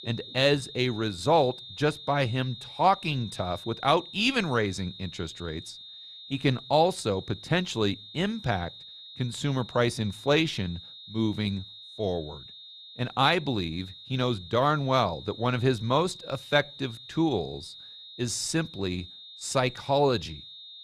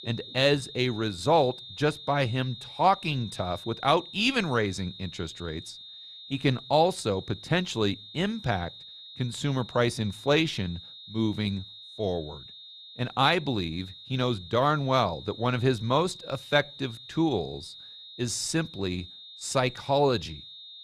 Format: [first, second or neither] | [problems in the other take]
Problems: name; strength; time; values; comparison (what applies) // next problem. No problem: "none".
neither | high-pitched whine; noticeable; throughout; 3.5 kHz, 15 dB below the speech; the same in both